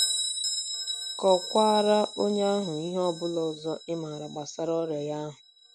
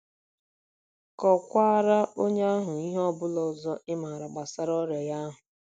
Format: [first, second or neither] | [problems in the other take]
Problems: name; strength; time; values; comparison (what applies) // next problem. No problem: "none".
second | background sound (Bell); 7 dB below the speech